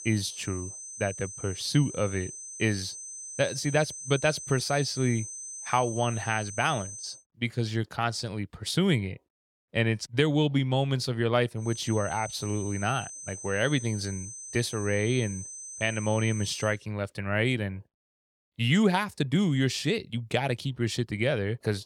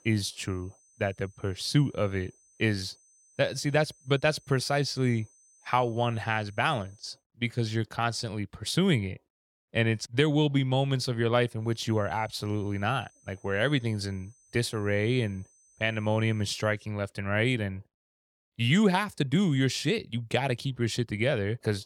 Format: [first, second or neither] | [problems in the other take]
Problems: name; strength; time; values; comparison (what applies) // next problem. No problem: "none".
second | high-pitched whine; loud; until 7 s and from 12 to 17 s; 6 kHz, 10 dB below the speech; faint in the second